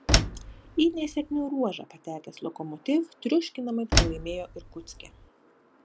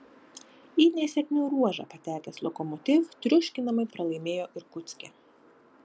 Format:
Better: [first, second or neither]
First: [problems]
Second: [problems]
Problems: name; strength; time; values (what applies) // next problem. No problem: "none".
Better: second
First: background sound (Slam); 2 dB above the speech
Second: none